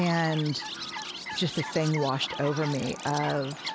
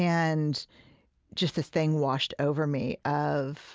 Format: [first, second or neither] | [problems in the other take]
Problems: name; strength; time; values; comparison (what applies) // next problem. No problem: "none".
second | background sound (Chirp, tweet); 8 dB below the speech